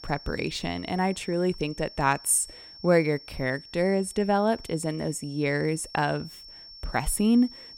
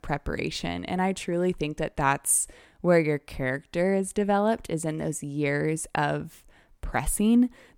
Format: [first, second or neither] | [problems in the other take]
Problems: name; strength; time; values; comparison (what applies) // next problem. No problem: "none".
second | high-pitched whine; noticeable; throughout; 5.5 kHz, 20 dB below the speech